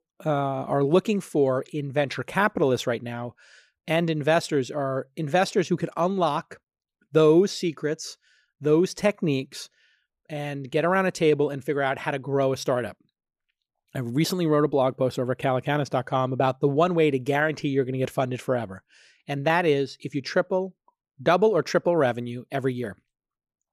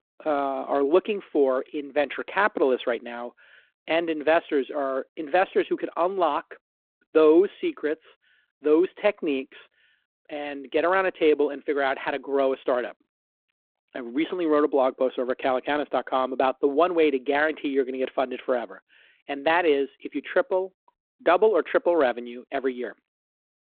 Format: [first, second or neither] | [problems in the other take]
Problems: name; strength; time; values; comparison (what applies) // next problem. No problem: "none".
first | phone-call audio